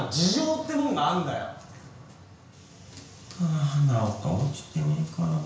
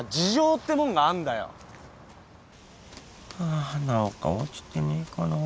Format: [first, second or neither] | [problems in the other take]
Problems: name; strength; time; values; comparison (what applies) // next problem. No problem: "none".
second | room echo; dies away in 0.5 s